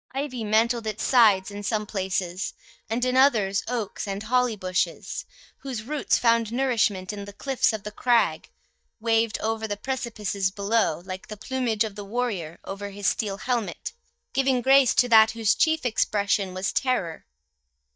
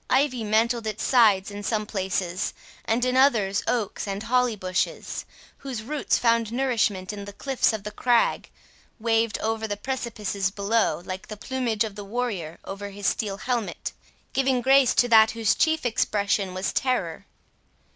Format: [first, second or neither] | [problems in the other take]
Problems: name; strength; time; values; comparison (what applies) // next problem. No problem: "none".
second | noise reduction (neural mask model DeepFilterNet 3)